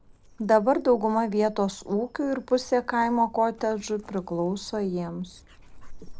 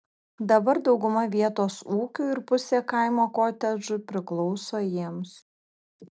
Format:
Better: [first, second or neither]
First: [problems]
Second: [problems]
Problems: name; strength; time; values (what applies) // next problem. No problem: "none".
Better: second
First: background sound (Dog); 20 dB below the speech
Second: none